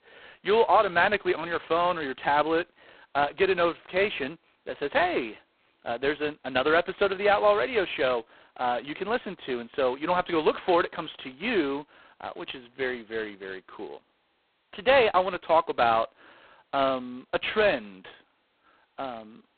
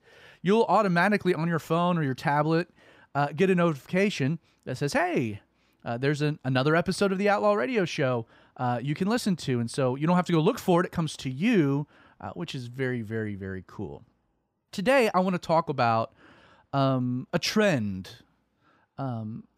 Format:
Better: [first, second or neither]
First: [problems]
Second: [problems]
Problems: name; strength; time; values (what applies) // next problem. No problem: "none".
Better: second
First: phone-call audio; poor line; nothing above 4 kHz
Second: none